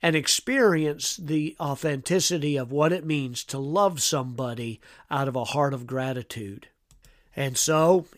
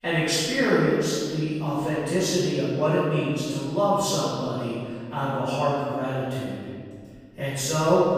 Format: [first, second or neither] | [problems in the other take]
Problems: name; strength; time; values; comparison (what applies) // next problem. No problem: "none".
first | off-mic speech; far // room echo; strong; dies away in 1.9 s